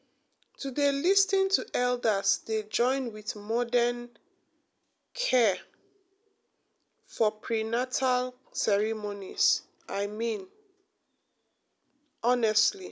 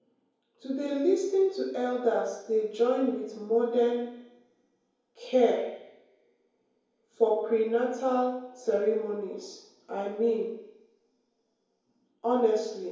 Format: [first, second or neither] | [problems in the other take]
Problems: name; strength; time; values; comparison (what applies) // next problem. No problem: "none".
first | room echo; dies away in 0.9 s